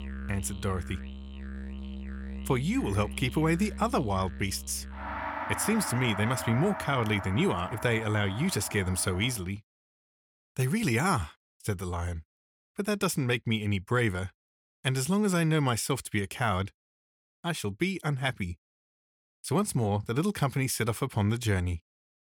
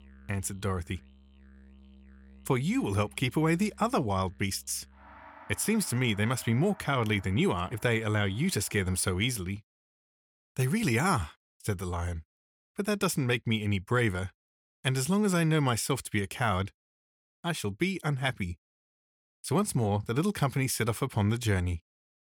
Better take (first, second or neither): second